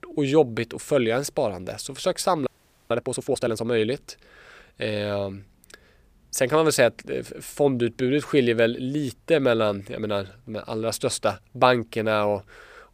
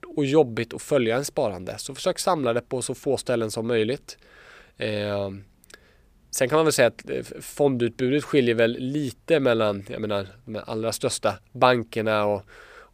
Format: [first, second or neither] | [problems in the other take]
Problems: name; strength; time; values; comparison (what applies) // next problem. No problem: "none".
second | audio freezing; at 2.5 s